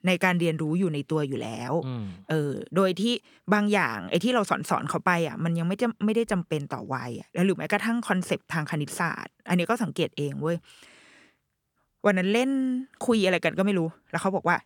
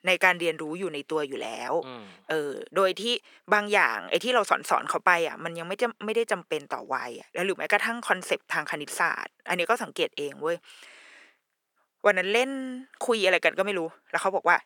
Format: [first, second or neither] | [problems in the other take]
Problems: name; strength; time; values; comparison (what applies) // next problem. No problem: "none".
first | thin; very; fading below 500 Hz